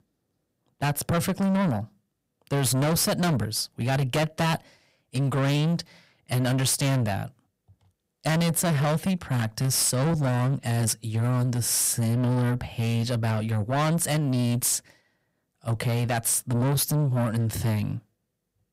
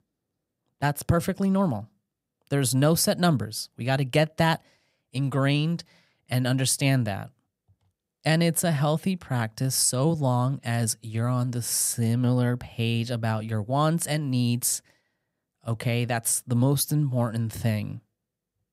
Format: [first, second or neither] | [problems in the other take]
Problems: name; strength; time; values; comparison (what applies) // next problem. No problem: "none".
second | distortion; heavy; 7 dB below the speech